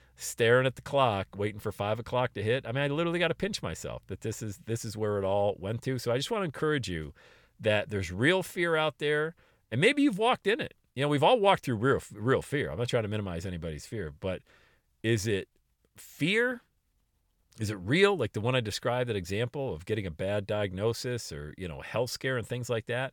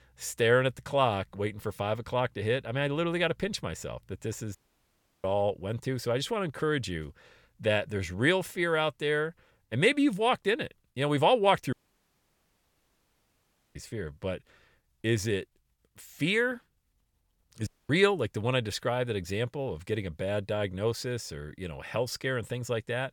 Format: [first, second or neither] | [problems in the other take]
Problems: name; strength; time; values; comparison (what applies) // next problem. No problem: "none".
first | audio cutting out; at 4.5 s for 0.5 s, at 12 s for 2 s and at 18 s